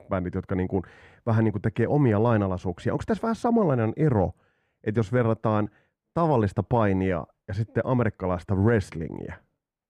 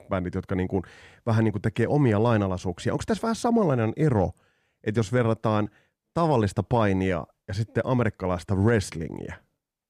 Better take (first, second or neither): second